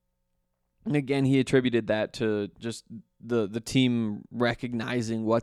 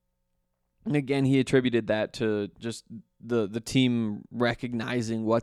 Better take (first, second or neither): neither